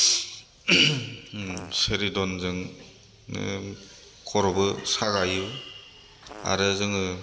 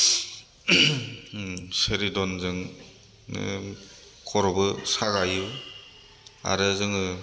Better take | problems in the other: second | background sound (Fart); 20 dB below the speech

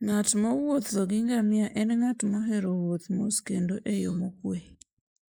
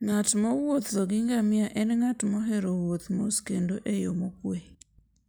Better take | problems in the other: second | noise reduction (neural mask model Resemble Enhance denoiser)

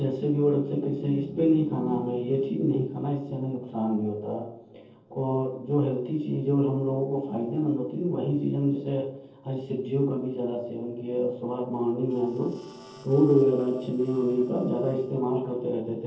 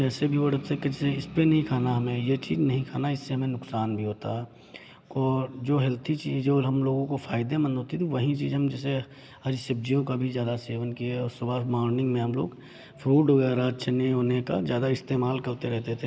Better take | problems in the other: second | noise reduction (neural separator model SepFormer DNS4)

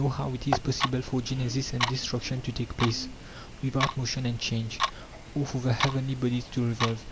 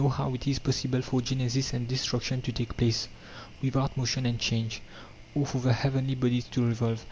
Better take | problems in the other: second | background sound (Clock); 6 dB below the speech

